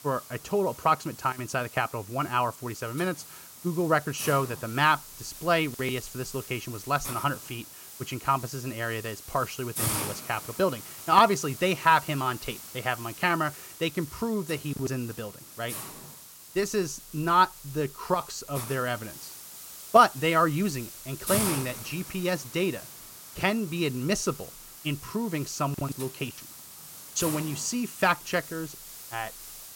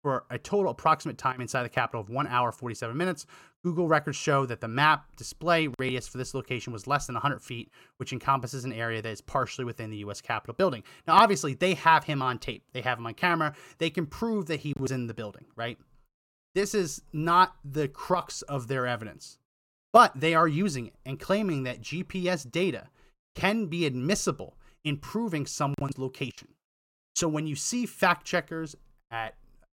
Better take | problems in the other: second | hiss; noticeable; throughout; 10 dB below the speech

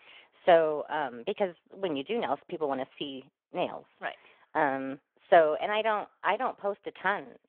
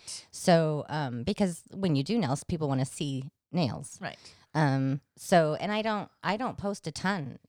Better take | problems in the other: second | phone-call audio

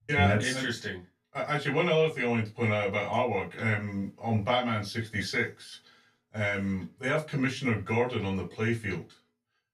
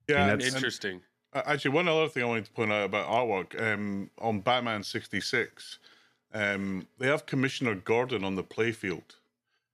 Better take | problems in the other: second | off-mic speech; far // room echo; very slight; dies away in 0.2 s

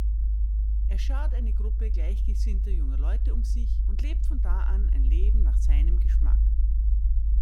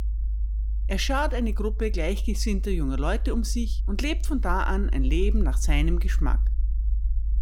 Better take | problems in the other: second | low rumble; loud; throughout; 3 dB below the speech; faint in the second

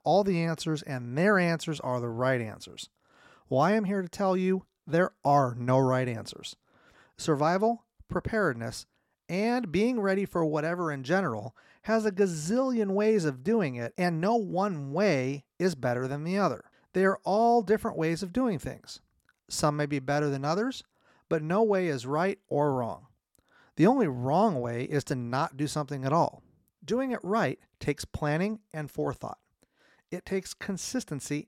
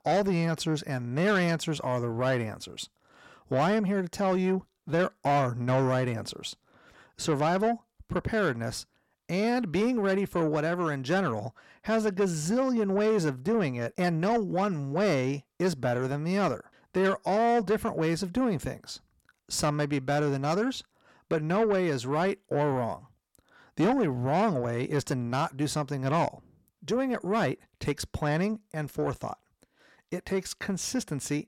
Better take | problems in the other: first | distortion; slight; 10 dB below the speech

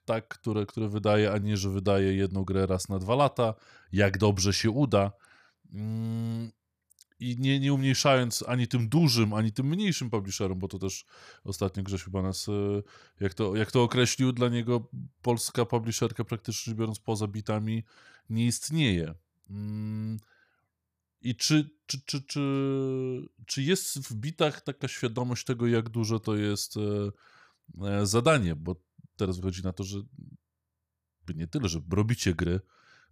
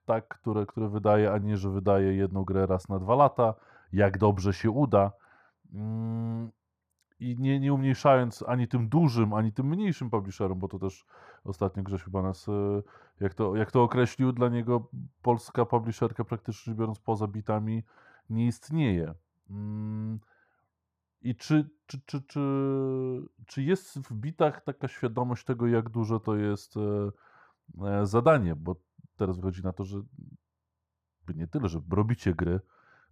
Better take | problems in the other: first | muffled; very; fading above 2.5 kHz

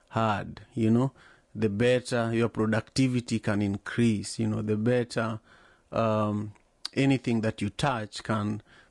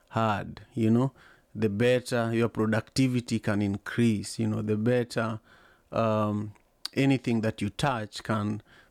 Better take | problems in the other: second | garbled, watery; slightly; nothing above 10 kHz

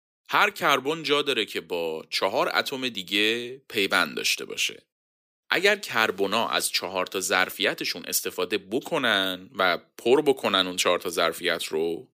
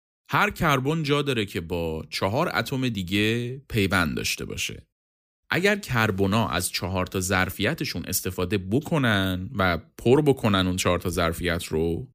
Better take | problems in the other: second | thin; somewhat; fading below 400 Hz

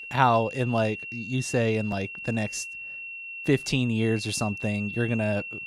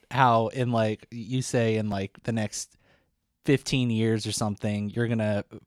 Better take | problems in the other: second | high-pitched whine; loud; throughout; 2.5 kHz, 9 dB below the speech

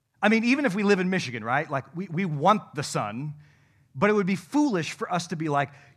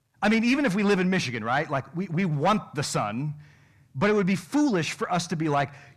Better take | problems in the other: first | distortion; slight; 10 dB below the speech

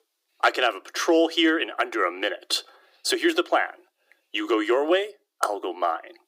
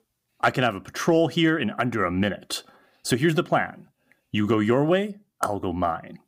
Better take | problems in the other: second | thin; very; fading below 300 Hz

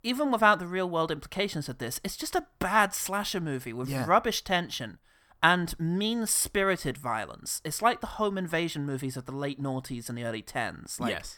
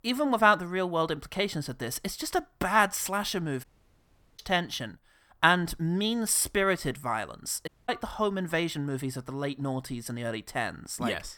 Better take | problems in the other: first | audio cutting out; at 3.5 s for 0.5 s and at 7.5 s

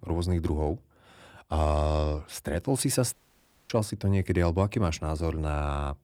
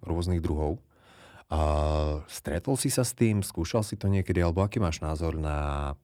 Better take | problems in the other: second | audio cutting out; at 3 s for 0.5 s

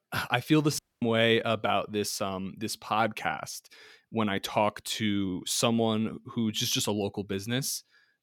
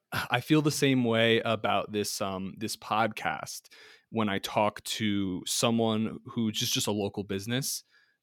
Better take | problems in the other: second | audio cutting out; at 1 s

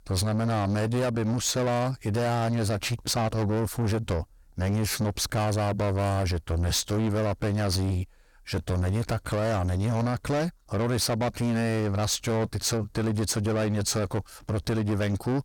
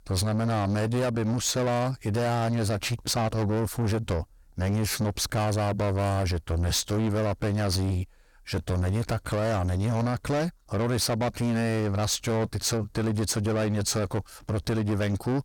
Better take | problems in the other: neither | distortion; heavy; 7 dB below the speech; the same in both

